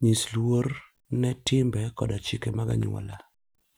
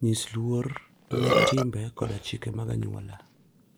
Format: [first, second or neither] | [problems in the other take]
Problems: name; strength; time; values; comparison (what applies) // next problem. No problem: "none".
first | background sound (Burping, eructation); 1 dB below the speech